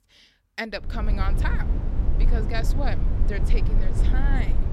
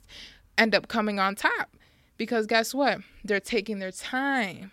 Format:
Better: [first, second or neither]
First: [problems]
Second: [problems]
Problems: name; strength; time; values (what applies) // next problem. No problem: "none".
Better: second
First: low rumble; loud; from 1 s on; 6 dB below the speech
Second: none